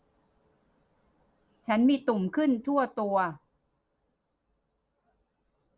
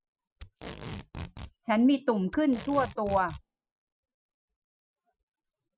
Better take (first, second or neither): first